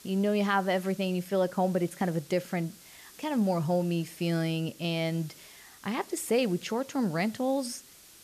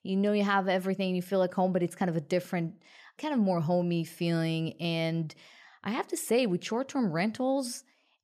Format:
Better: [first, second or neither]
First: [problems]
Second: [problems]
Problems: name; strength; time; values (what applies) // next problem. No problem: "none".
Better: second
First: hiss; faint; throughout; 20 dB below the speech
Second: none